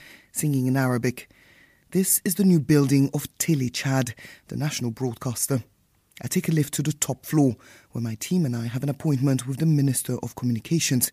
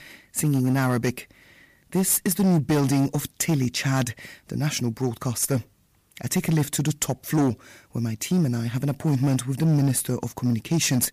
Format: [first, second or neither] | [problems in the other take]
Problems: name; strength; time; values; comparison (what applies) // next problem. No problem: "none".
first | distortion; slight; 9% of the sound clipped